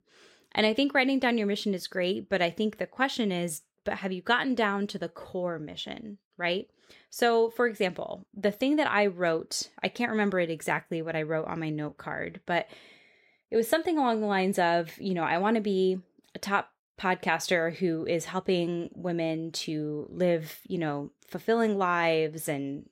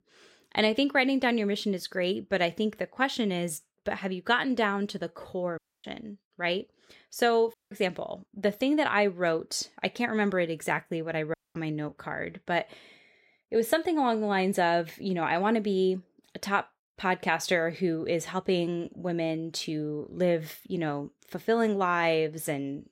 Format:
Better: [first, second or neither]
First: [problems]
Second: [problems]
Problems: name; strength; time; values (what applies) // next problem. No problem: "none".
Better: first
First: none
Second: audio cutting out; at 5.5 s, at 7.5 s and at 11 s